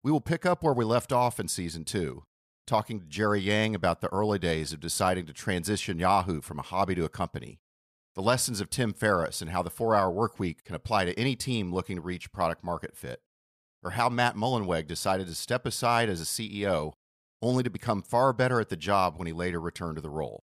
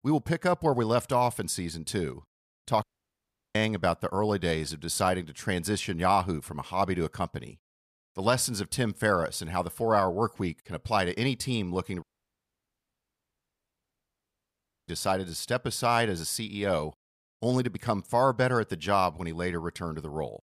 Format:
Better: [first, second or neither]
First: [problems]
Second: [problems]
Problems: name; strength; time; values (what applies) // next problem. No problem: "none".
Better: first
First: none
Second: audio cutting out; at 3 s for 0.5 s and at 12 s for 3 s